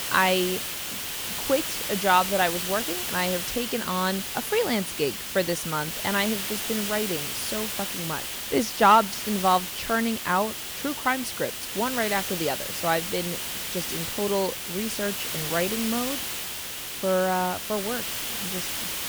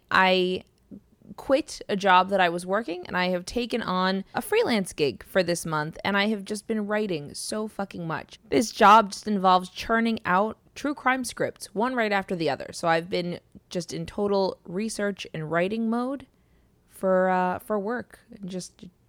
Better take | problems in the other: second | hiss; loud; throughout; 2 dB below the speech

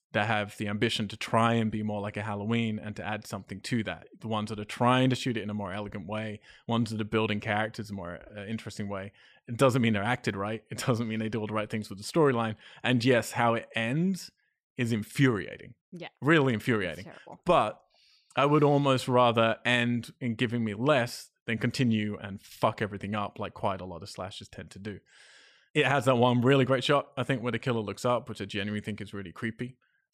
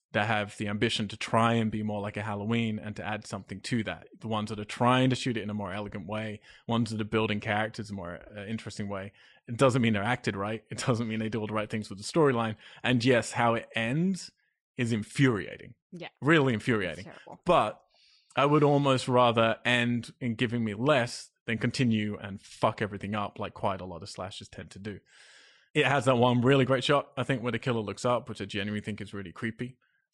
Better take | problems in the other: first | garbled, watery; slightly; nothing above 10.5 kHz

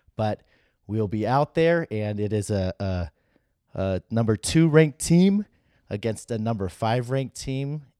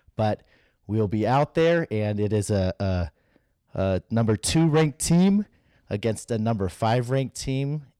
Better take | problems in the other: first | distortion; slight; 10 dB below the speech

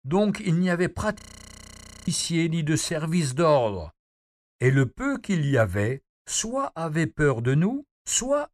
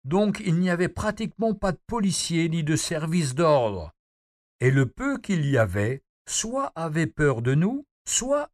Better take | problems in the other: second | audio freezing; at 1 s for 1 s

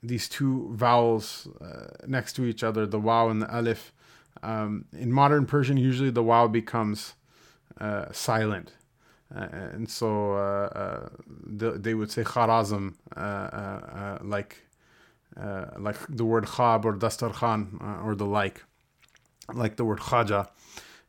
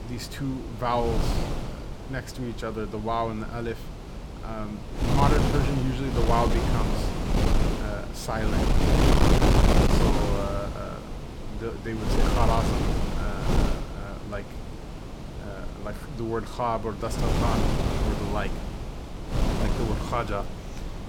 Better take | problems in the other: first | wind noise on the microphone; heavy; 1 dB above the speech

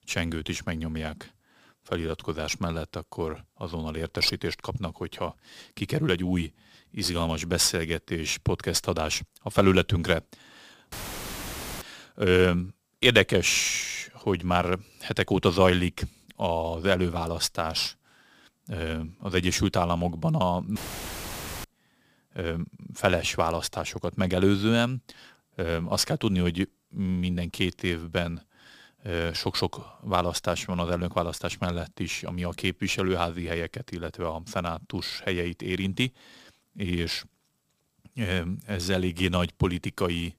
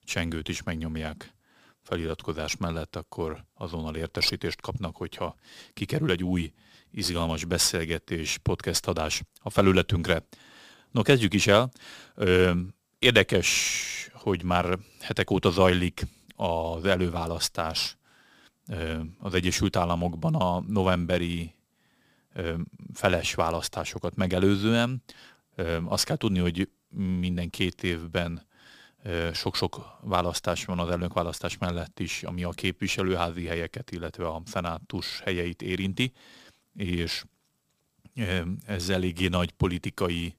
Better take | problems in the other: second | audio cutting out; filled with static; at 11 s for 1 s and at 21 s for 1 s

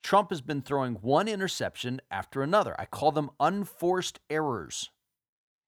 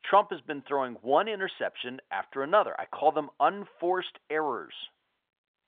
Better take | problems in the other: first | phone-call audio; nothing above 3.5 kHz

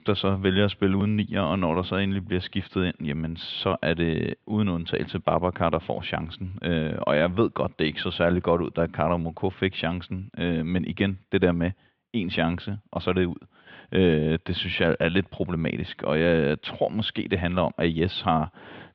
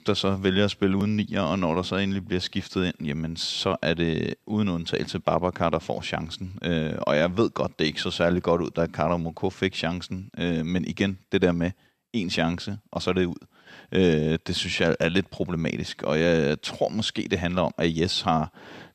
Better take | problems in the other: second | muffled; very; fading above 3.5 kHz

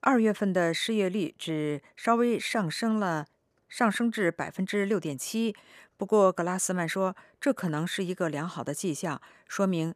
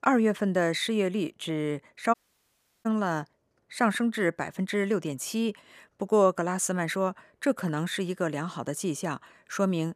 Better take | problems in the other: first | audio cutting out; at 2 s for 0.5 s

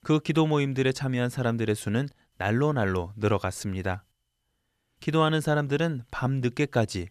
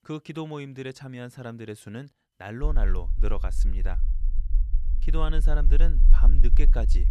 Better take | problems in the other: first | low rumble; noticeable; from 2.5 s on; 15 dB below the speech

